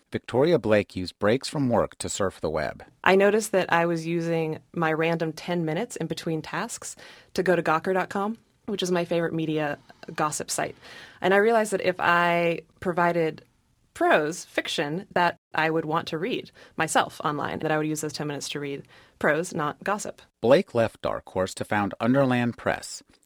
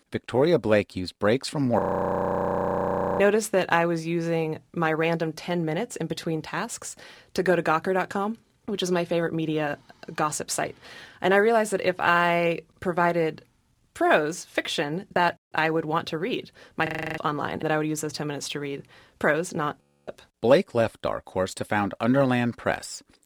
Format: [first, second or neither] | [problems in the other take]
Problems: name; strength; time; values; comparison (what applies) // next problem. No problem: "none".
first | audio freezing; at 2 s for 1.5 s, at 17 s and at 20 s